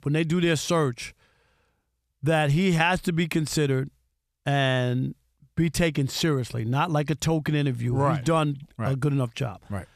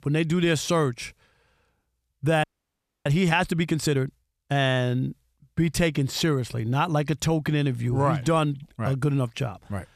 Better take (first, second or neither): first